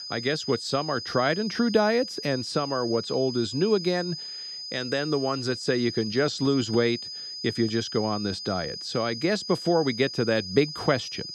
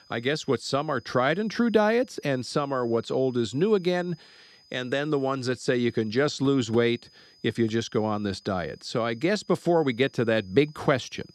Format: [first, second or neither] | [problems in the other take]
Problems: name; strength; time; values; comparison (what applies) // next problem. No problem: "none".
second | high-pitched whine; loud; throughout; 5 kHz, 8 dB below the speech; faint in the second